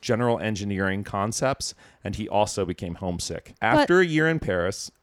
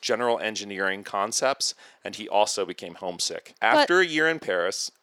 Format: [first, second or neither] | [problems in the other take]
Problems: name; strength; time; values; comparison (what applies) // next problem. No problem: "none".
first | thin; somewhat; fading below 400 Hz